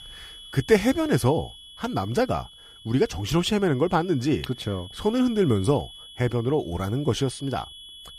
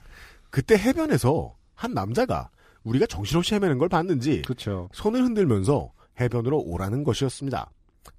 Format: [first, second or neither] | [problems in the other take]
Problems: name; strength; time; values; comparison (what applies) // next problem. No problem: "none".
second | high-pitched whine; noticeable; throughout; 3.5 kHz, 20 dB below the speech